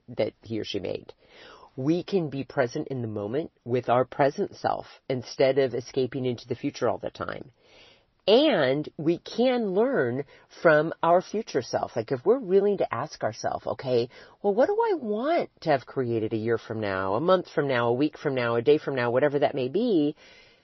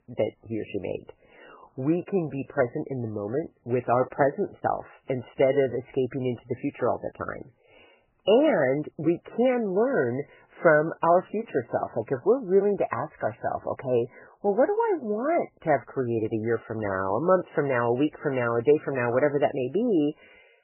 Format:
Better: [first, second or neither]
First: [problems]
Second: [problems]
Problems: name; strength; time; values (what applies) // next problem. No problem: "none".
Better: first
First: garbled, watery; slightly; nothing above 6 kHz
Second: garbled, watery; badly; nothing above 3 kHz